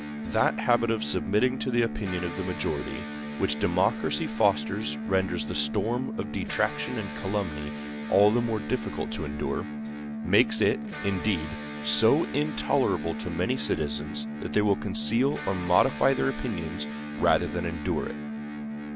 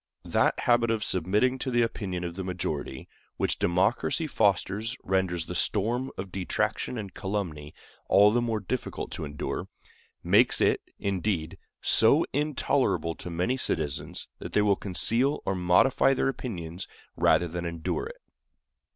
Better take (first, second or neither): second